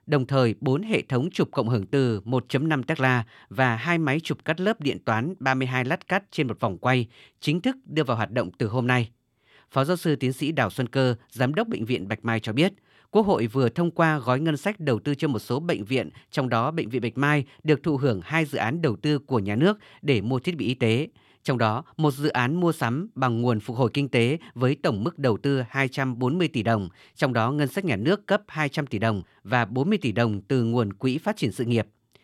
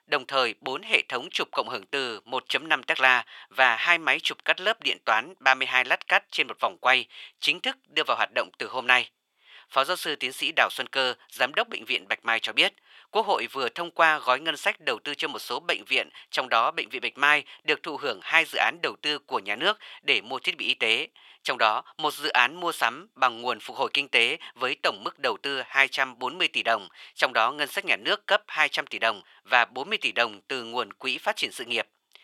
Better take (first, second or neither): first